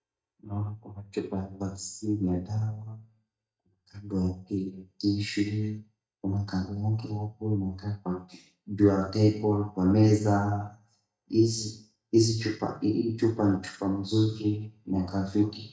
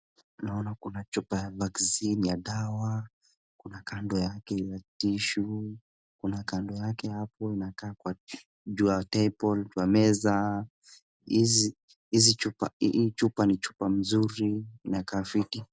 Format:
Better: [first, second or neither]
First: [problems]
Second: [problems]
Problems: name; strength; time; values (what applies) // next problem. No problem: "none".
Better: second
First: noise reduction (neural mask model DeepFilterNet 3)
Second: none